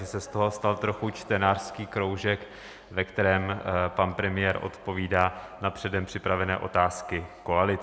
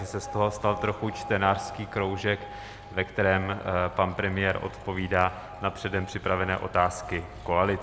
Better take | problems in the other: first | background sound (Engine + Alarm); 15 dB below the speech

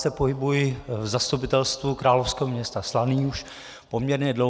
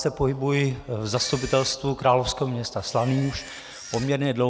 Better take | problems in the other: first | background sound (Camera); 17 dB below the speech

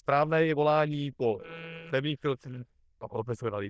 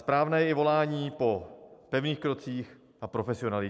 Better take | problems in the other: second | noise reduction (neural diffusion model UNIVERSE++)

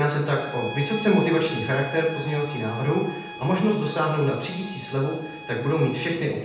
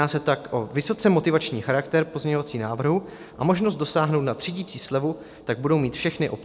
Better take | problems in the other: second | background sound (Bowed string instrument); 14 dB below the speech // room echo; dies away in 0.9 s

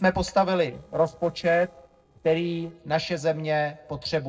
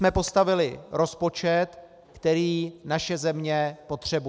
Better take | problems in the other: second | noise reduction (neural separator model SepFormer DNS4)

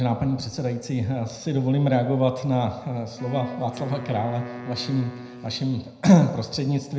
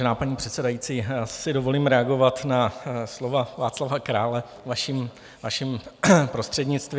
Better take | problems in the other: second | background sound (Wind instrument, woodwind instrument); 14 dB below the speech // room echo; dies away in 0.7 s

